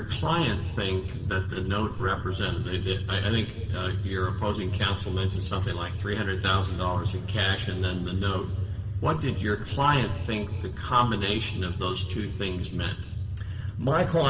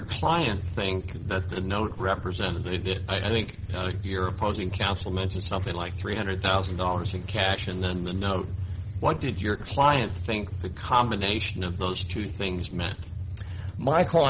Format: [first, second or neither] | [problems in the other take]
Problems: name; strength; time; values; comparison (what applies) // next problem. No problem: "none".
second | room echo; dies away in 1.4 s